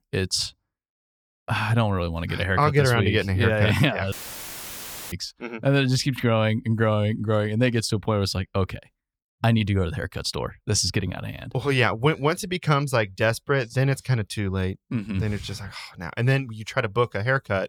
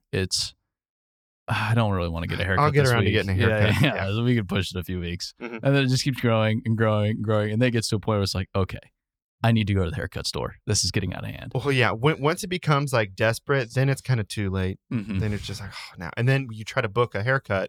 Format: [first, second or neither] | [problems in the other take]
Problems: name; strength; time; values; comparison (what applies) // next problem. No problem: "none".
second | audio cutting out; filled with static; at 4 s for 1 s